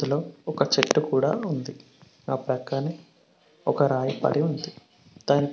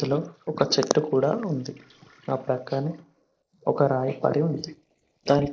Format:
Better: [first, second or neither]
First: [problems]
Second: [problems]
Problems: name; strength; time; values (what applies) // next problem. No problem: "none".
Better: first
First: none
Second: noise reduction (neural mask model Resemble Enhance denoiser)